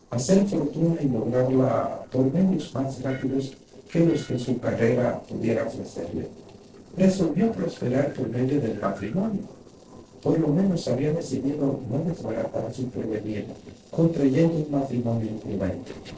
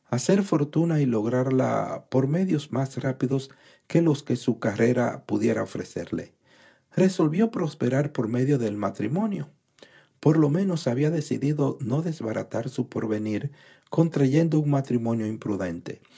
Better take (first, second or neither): second